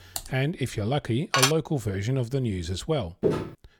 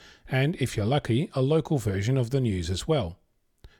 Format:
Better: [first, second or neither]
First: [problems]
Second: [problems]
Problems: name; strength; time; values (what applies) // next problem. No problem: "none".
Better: second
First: keyboard typing; noticeable; at the start; peak 8 dB below the speech // clattering dishes; loud; at 1.5 s; peak 5 dB above the speech // footsteps; loud; at 3 s; peak 1 dB above the speech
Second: none